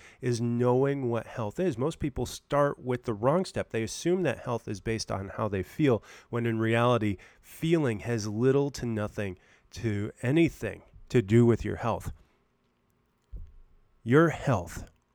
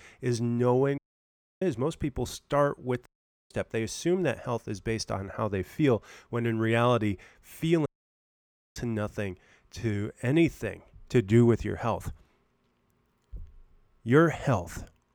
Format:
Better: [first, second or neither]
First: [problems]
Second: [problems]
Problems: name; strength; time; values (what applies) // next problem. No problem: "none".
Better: first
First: none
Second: audio cutting out; at 1 s for 0.5 s, at 3 s and at 8 s for 1 s